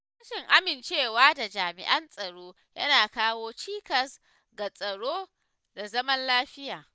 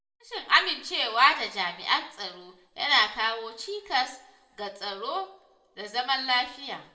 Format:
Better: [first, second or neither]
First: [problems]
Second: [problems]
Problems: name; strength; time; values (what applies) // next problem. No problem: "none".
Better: first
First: none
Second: room echo; dies away in 0.5 s